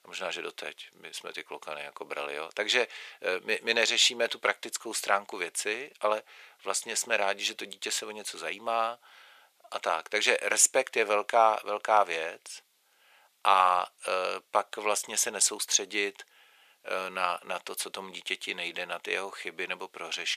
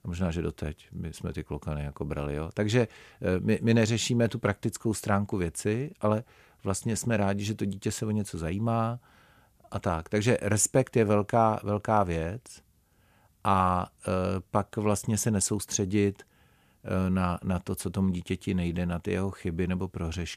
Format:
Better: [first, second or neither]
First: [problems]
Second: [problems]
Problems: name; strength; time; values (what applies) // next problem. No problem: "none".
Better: second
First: thin; very; fading below 550 Hz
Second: none